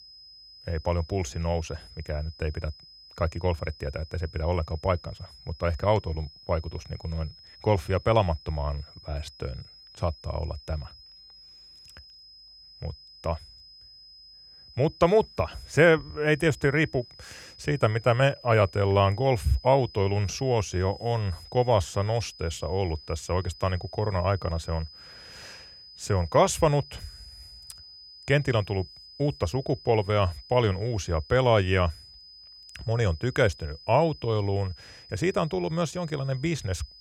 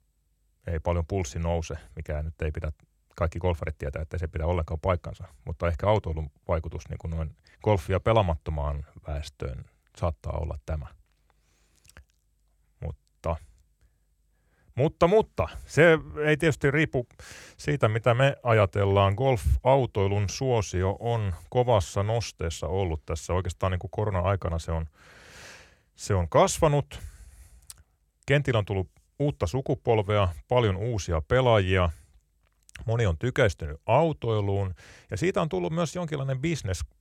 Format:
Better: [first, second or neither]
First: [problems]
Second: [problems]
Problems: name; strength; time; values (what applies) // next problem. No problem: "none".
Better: second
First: high-pitched whine; noticeable; throughout; 5 kHz, 20 dB below the speech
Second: none